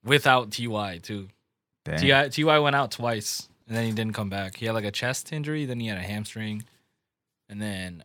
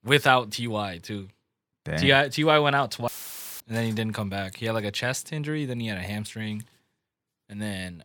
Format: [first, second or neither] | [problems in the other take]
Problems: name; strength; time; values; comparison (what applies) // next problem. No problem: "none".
first | audio cutting out; filled with static; at 3 s for 0.5 s